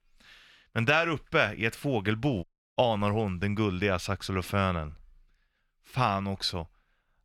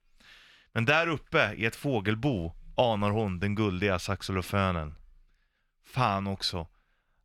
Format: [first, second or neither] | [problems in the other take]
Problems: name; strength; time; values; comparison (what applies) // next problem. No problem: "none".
second | audio cutting out; at 2.5 s